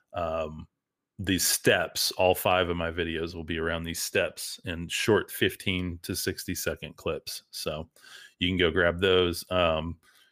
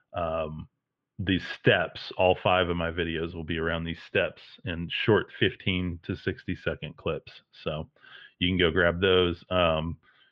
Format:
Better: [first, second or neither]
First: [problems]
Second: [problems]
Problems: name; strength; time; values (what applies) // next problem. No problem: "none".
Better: first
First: none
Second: muffled; very; fading above 3 kHz